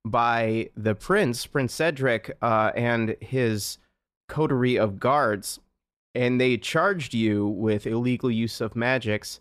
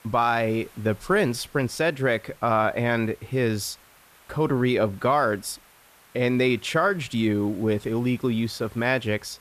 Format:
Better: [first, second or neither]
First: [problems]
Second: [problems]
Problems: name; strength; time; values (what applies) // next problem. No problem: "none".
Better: first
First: none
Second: hiss; faint; throughout; 25 dB below the speech